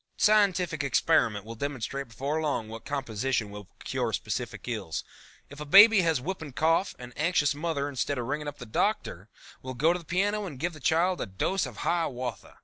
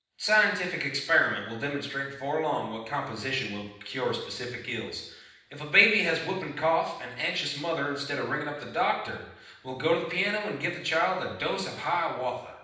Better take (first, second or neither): first